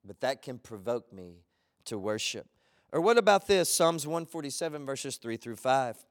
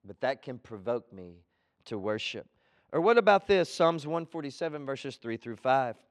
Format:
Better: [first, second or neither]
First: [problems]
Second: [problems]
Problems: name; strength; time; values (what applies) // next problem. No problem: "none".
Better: first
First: none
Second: muffled; slightly; fading above 2.5 kHz